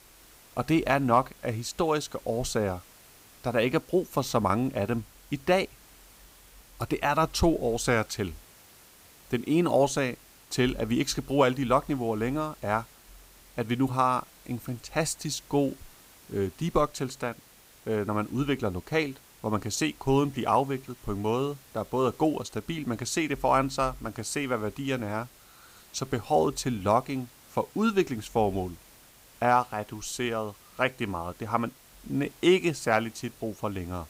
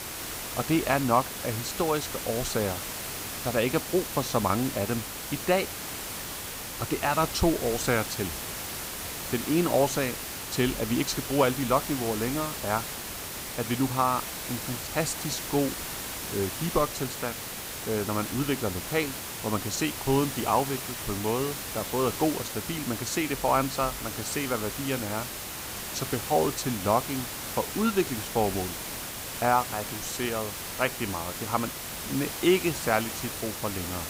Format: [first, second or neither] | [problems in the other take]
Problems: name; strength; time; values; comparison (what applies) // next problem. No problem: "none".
first | hiss; loud; throughout; 5 dB below the speech; faint in the first